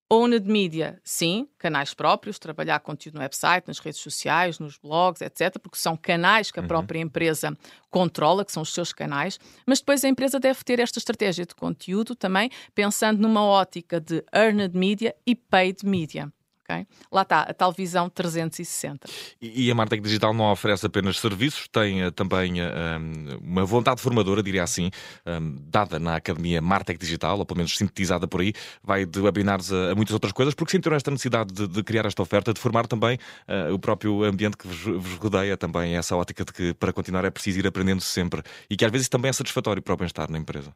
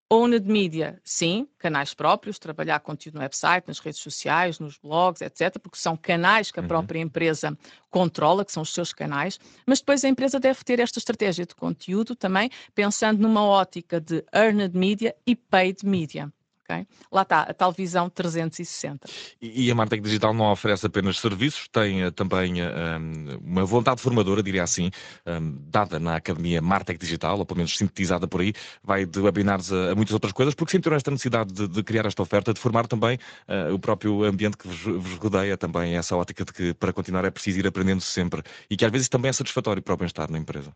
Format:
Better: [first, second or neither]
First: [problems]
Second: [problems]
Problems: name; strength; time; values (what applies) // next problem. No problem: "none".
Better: first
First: none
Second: garbled, watery; slightly; nothing above 7.5 kHz